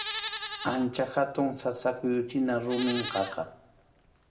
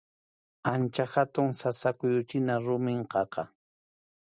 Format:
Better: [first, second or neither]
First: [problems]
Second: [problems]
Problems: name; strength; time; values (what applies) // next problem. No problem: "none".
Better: second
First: background sound (Livestock, farm animals, working animals); 10 dB below the speech // room echo; dies away in 0.8 s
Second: none